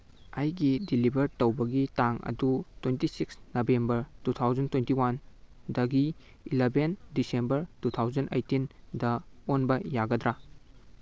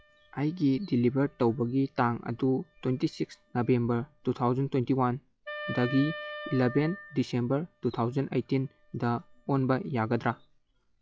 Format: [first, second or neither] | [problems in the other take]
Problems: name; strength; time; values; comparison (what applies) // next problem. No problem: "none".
first | noise reduction (classical method log-MMSE)